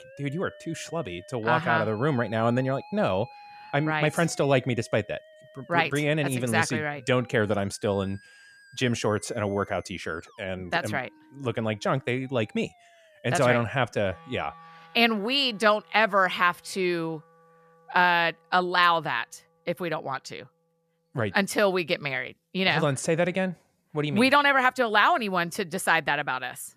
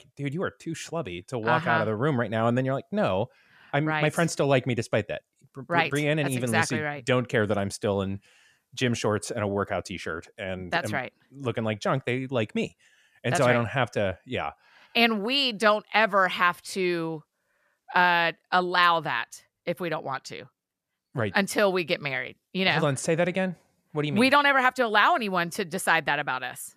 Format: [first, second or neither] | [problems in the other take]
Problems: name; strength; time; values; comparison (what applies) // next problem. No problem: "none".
second | background music; faint; throughout; 25 dB below the speech